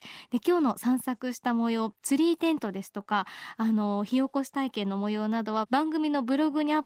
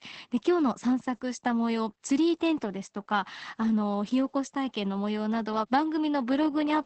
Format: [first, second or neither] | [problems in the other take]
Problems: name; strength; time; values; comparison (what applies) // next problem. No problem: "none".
first | garbled, watery; badly; nothing above 8 kHz; slightly in the first